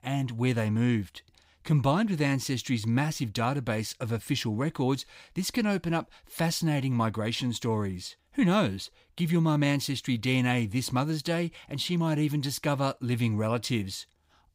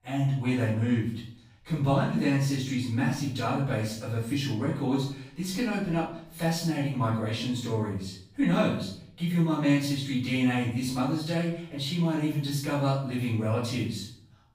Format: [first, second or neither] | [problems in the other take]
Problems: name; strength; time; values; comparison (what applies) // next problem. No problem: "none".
first | off-mic speech; far // room echo; noticeable; dies away in 0.5 s